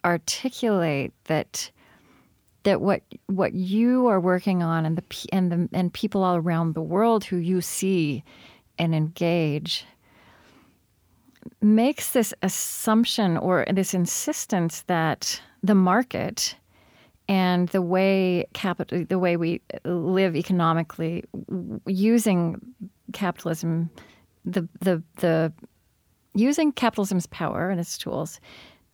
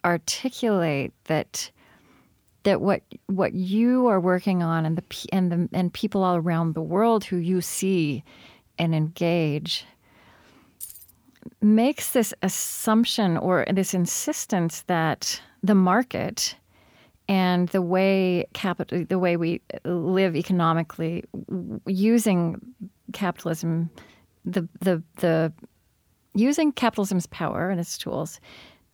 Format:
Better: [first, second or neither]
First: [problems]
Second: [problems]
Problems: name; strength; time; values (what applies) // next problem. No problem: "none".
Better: first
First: none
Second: jangling keys; faint; at 11 s; peak 15 dB below the speech